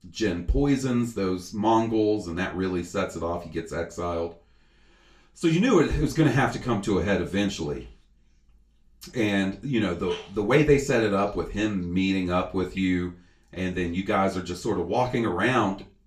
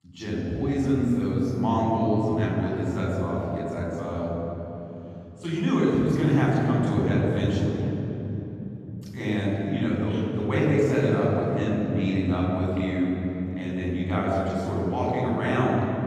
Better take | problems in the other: first | room echo; strong; dies away in 3 s; slight in the first // off-mic speech; far; far in the first

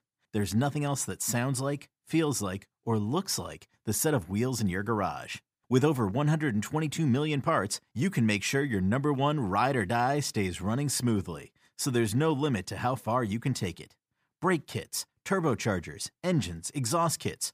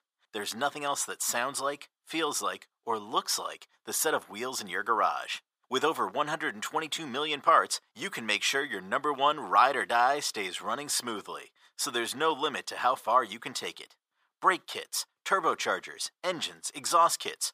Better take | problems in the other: first | thin; very; fading below 600 Hz

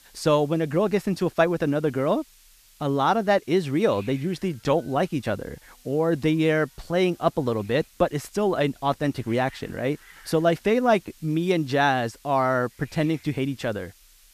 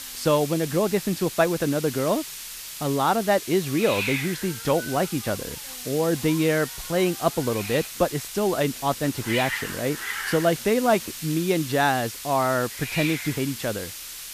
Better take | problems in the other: first | hiss; loud; throughout; 8 dB below the speech; faint in the first

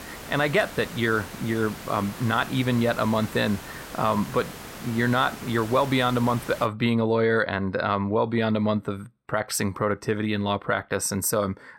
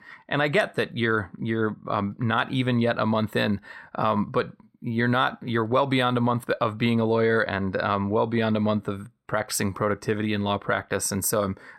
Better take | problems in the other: second | hiss; noticeable; until 6.5 s; 15 dB below the speech

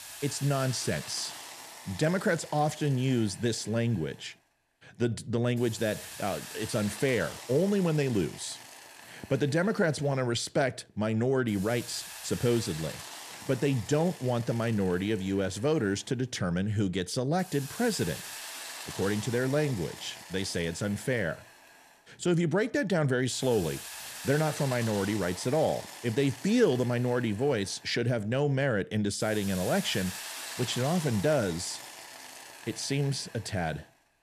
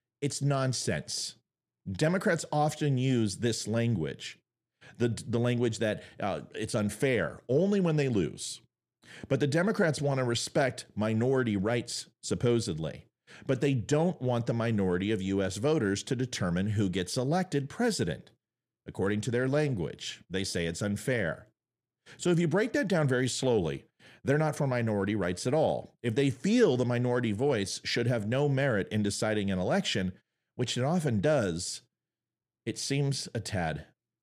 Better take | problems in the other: second | hiss; noticeable; throughout; 10 dB below the speech

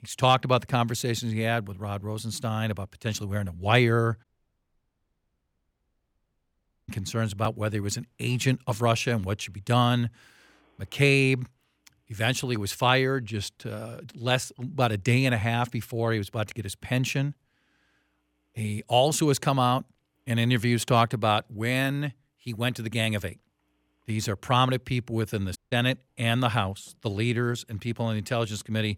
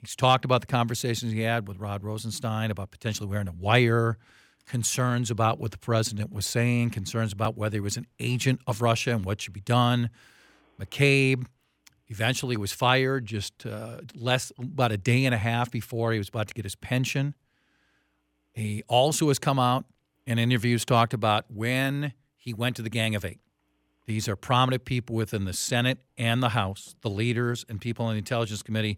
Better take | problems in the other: second | audio cutting out; at 4 s for 2.5 s and at 26 s

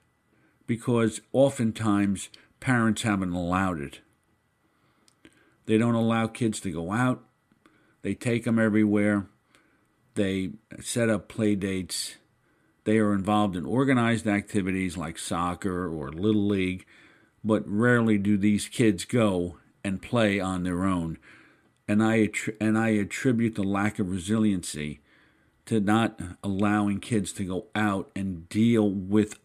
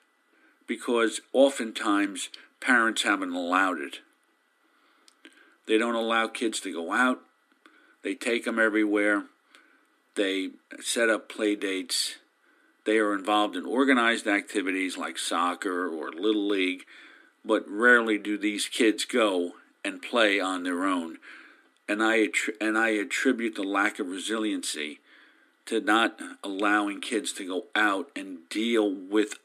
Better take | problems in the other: first | thin; somewhat; fading below 250 Hz

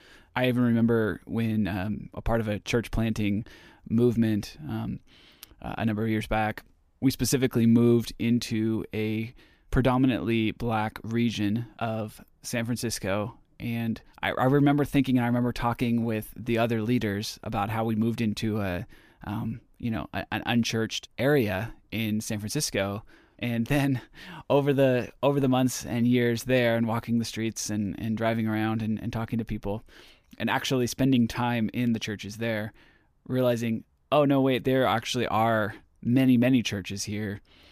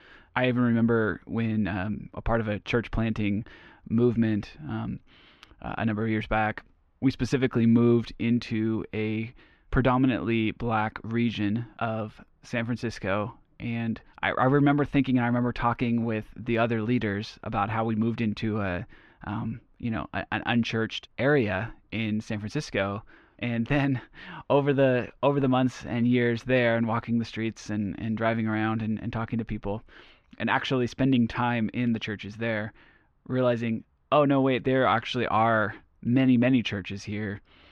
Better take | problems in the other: first | muffled; slightly; fading above 3 kHz

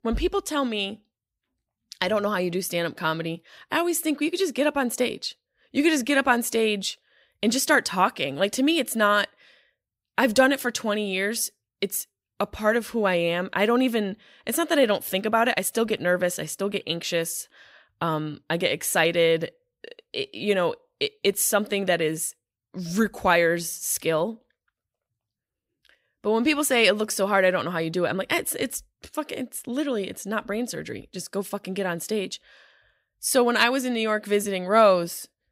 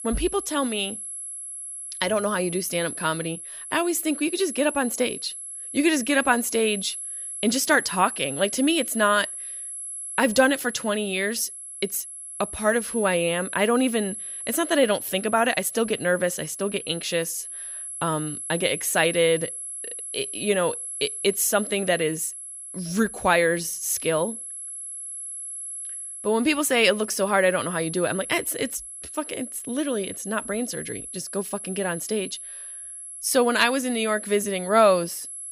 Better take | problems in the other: first | high-pitched whine; loud; throughout; 11 kHz, 9 dB below the speech

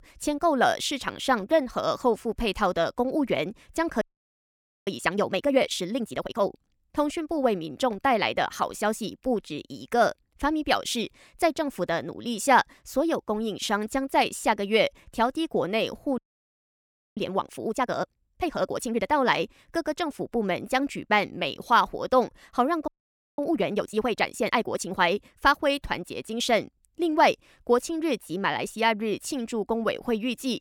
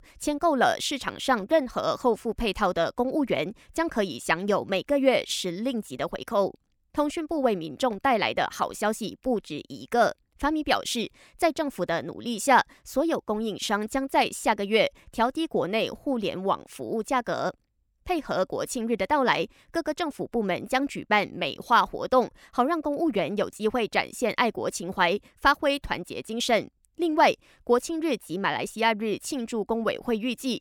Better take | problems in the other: second | audio freezing; at 4 s for 1 s, at 16 s for 1 s and at 23 s for 0.5 s

